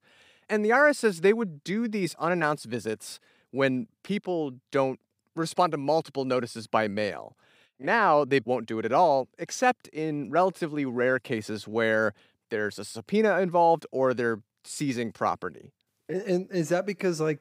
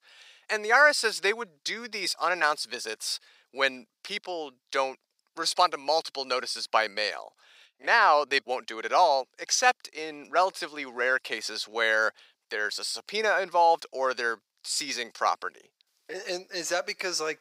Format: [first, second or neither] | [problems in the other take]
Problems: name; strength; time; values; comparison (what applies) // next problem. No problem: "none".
first | thin; very; fading below 750 Hz